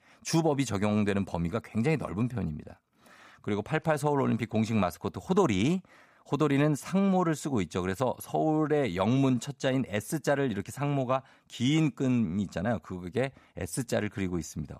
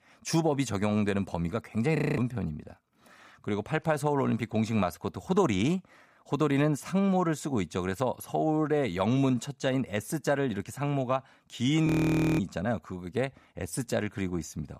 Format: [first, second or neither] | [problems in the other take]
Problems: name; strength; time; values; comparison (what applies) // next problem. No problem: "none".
first | audio freezing; at 2 s and at 12 s for 0.5 s